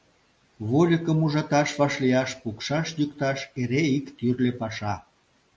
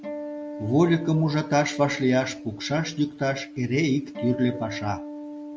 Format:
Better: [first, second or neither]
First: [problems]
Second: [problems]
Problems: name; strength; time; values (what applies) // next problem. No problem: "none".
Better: first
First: none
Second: background sound (Acoustic guitar); 12 dB below the speech